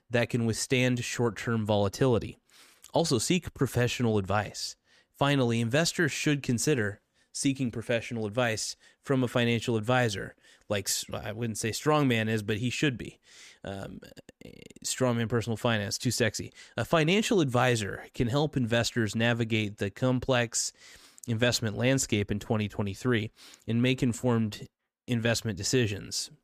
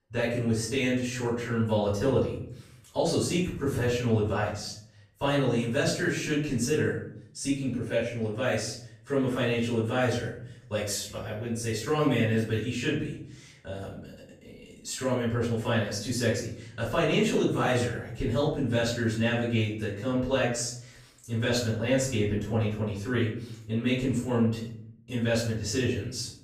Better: first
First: none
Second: off-mic speech; far // room echo; noticeable; dies away in 0.6 s

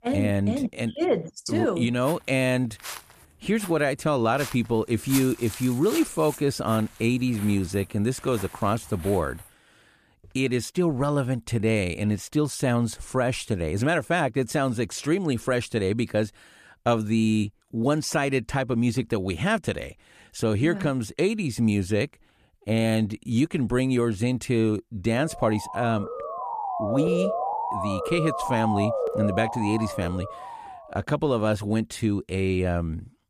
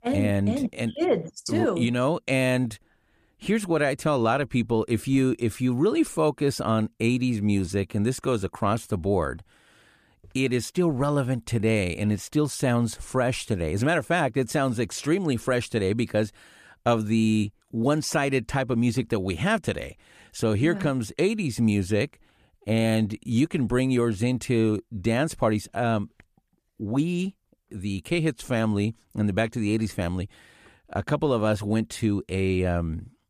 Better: second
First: footsteps; noticeable; from 2 to 9 s; peak 6 dB below the speech // siren; noticeable; from 25 to 31 s; peak level with the speech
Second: none

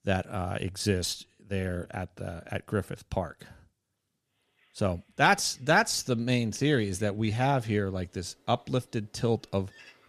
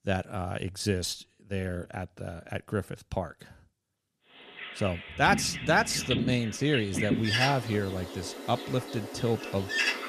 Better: first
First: animal sounds; faint; from 4.5 s on; 30 dB below the speech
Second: animal sounds; loud; from 4.5 s on; 3 dB below the speech

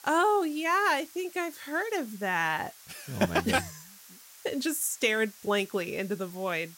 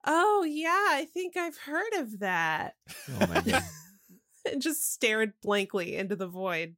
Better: second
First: hiss; faint; throughout; 20 dB below the speech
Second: none

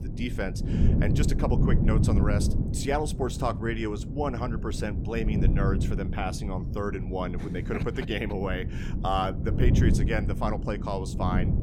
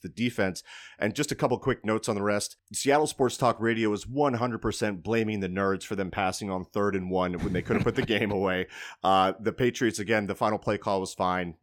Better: second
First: wind noise on the microphone; heavy; 6 dB below the speech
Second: none

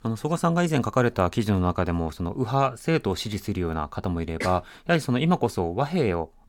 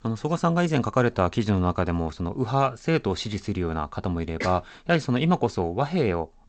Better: first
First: none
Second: garbled, watery; slightly; nothing above 8 kHz

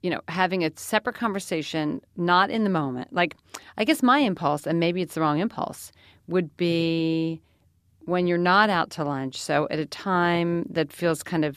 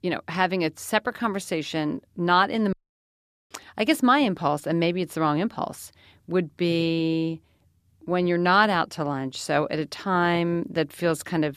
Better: first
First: none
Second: audio cutting out; at 2.5 s for 1 s

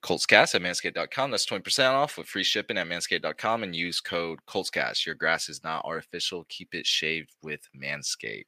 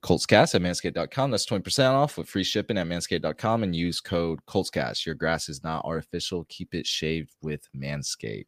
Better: second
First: thin; somewhat; fading below 1 kHz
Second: none

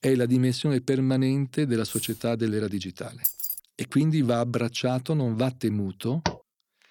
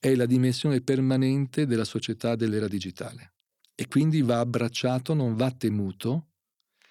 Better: second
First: jangling keys; noticeable; at 2 s; peak 7 dB below the speech // jangling keys; loud; at 3 s; peak level with the speech // door banging; noticeable; at 6.5 s; peak 6 dB below the speech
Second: none

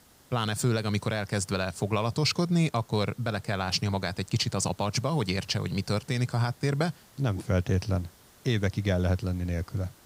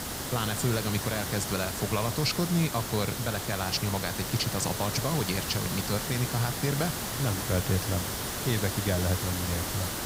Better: first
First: hiss; faint; throughout; 25 dB below the speech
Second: hiss; loud; throughout; 2 dB below the speech

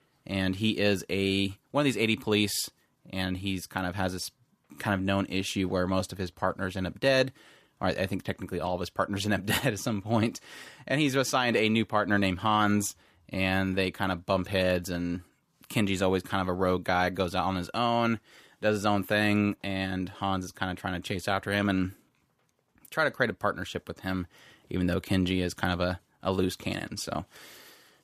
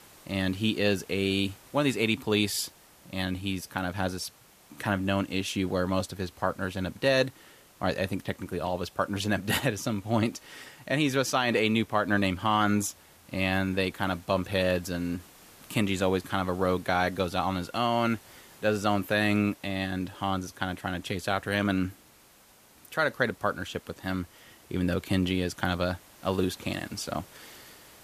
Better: first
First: none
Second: hiss; faint; throughout; 25 dB below the speech

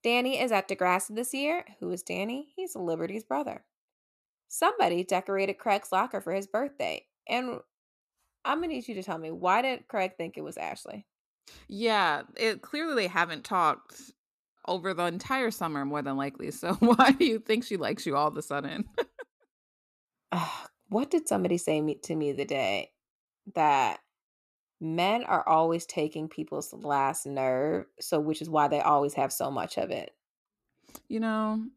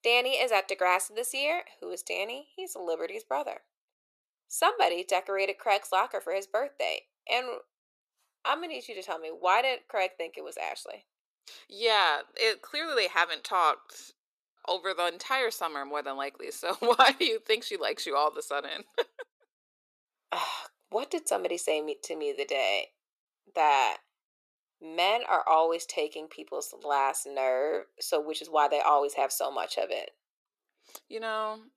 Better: first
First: none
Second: thin; very; fading below 450 Hz

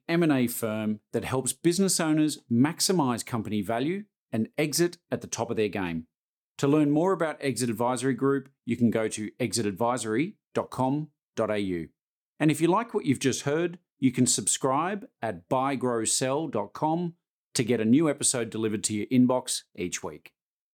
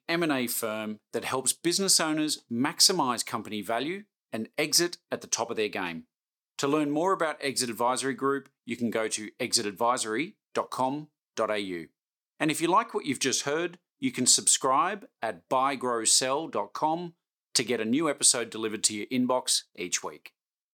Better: first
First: none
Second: thin; very slightly; fading below 1 kHz

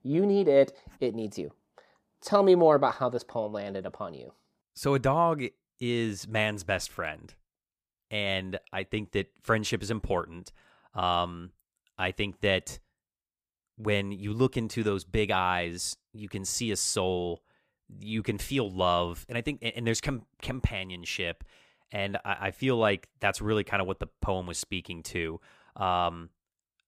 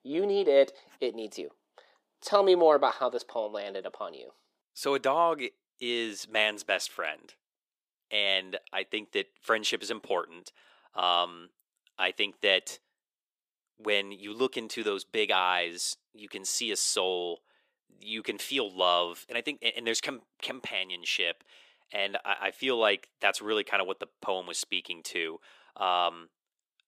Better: first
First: none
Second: thin; somewhat; fading below 350 Hz

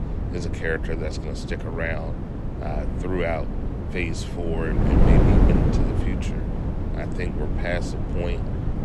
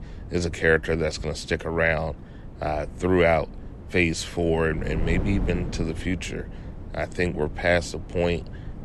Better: second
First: wind noise on the microphone; heavy; 1 dB below the speech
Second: wind noise on the microphone; occasional gusts; 20 dB below the speech

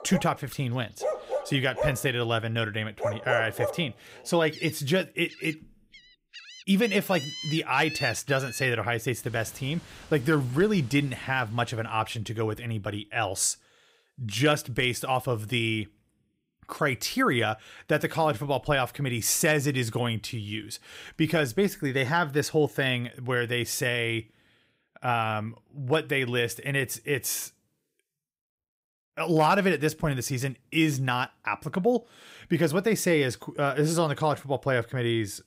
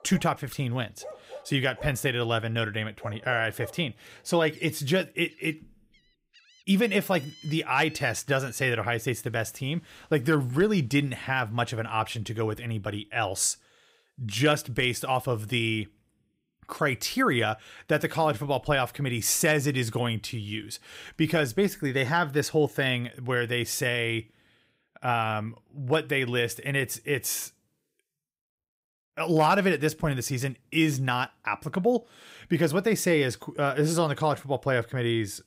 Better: second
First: animal sounds; loud; until 12 s; 9 dB below the speech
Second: animal sounds; faint; until 12 s; 20 dB below the speech

